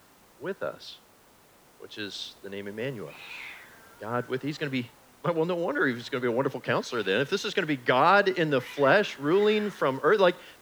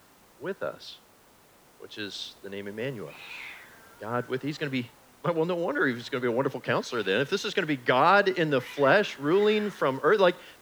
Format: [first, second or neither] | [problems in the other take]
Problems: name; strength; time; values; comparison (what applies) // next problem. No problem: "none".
neither | hiss; faint; throughout; 20 dB below the speech; the same in both